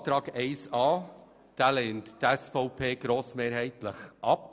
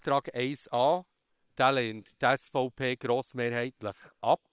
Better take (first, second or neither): first